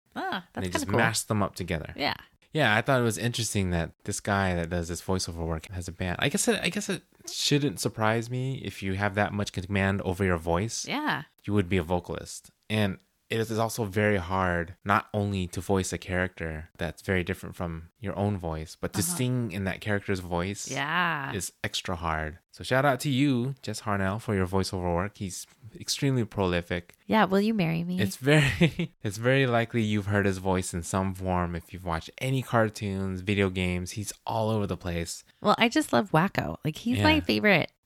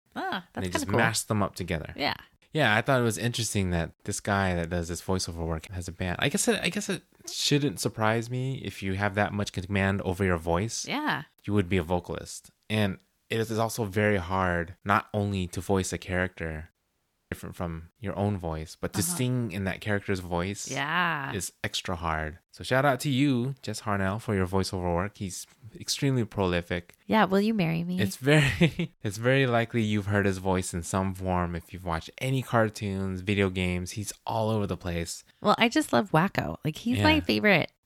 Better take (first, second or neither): first